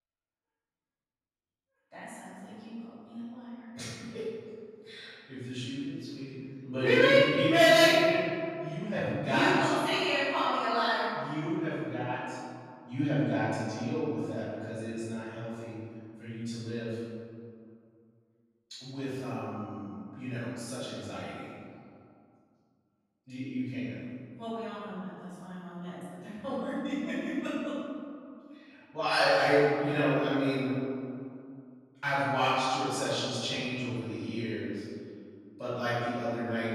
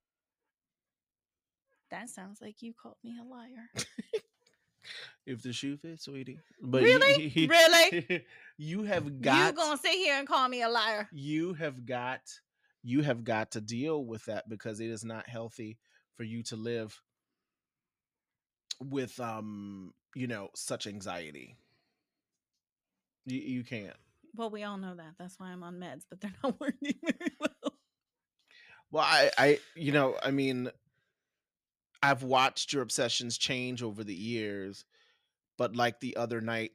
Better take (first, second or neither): second